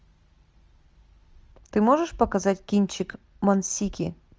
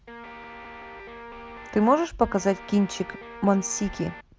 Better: first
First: none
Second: background sound (Guitar); 15 dB below the speech

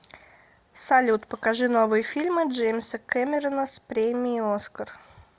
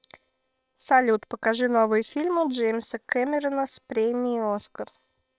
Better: first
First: none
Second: noise reduction (neural separator model SepFormer WHAM!)

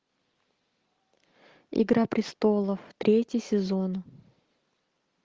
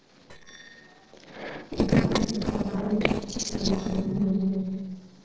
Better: first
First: none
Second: noise reduction (neural separator model SepFormer DNS4)

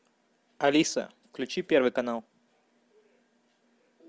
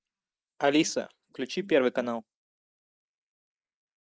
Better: first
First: none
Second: noise reduction (neural mask model Resemble Enhance denoiser)

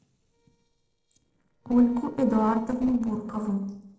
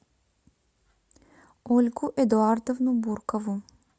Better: second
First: noise reduction (neural separator model SepFormer DNS4)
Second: none

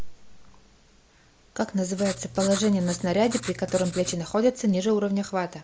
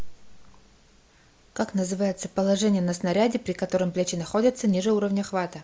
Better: second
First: background sound (Writing); 11 dB below the speech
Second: none

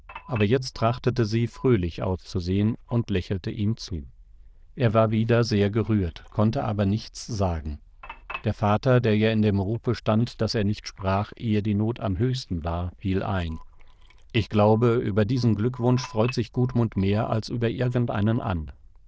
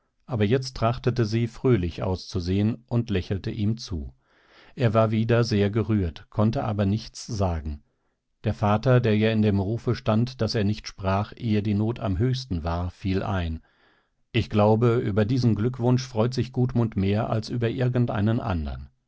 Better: second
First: noise reduction (neural diffusion model UNIVERSE++)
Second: none

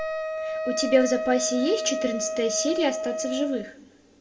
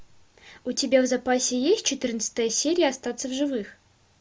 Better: second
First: background sound (Wind instrument, woodwind instrument); 4 dB below the speech // room echo; dies away in 1.4 s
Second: none

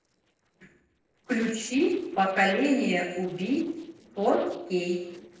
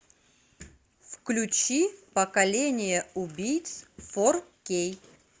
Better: second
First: noise reduction (neural separator model SepFormer DNS4)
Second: none

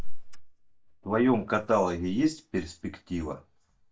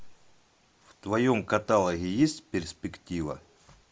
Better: second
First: noise reduction (neural mask model DeepFilterNet 3)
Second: none

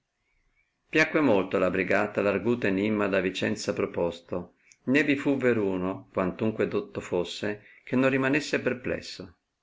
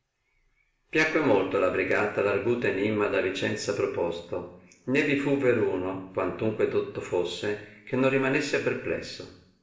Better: first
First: none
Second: room echo; dies away in 0.7 s

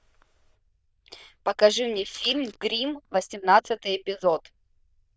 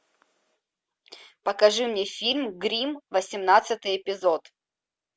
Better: second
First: noise reduction (neural diffusion model UNIVERSE++)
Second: none

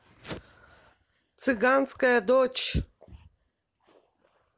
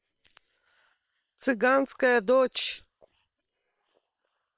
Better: first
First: none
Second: noise reduction (neural separator model SepFormer WHAM!)

